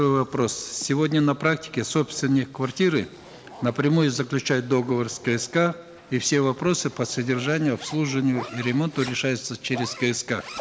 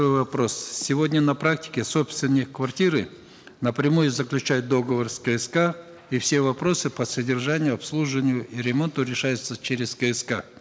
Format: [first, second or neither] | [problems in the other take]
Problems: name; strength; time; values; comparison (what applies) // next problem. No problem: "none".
second | background sound (Zipper (clothing)); 19 dB below the speech